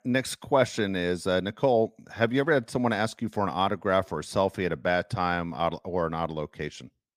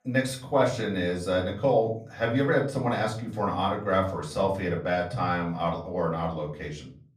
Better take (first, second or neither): first